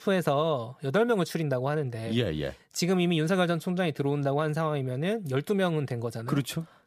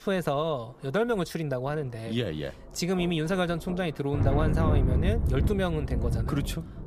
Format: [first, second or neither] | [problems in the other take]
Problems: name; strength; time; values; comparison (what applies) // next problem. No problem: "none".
first | rain or running water; very loud; throughout; 1 dB above the speech